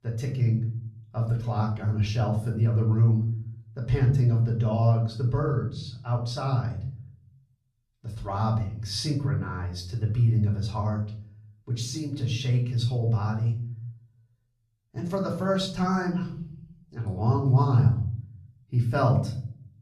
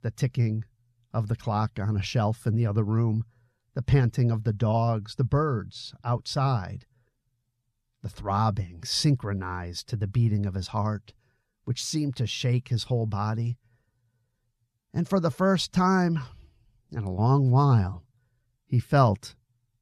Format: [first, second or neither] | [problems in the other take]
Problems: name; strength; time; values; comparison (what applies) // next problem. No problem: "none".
second | off-mic speech; far // room echo; slight; dies away in 0.6 s